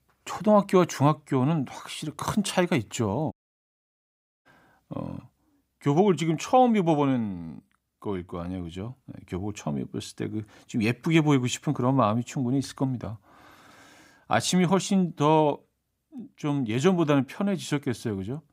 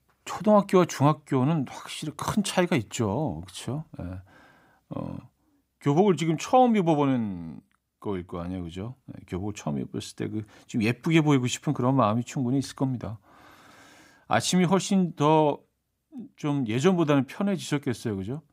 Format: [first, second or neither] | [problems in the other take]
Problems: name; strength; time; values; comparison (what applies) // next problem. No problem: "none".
second | audio cutting out; at 3.5 s for 1 s